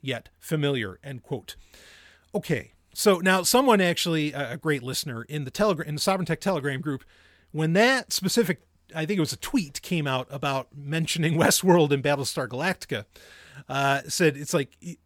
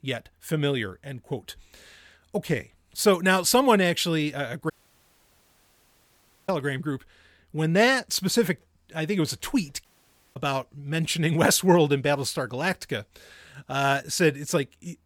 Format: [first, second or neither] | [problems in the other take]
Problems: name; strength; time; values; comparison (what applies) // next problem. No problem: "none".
first | audio cutting out; at 4.5 s for 2 s and at 10 s for 0.5 s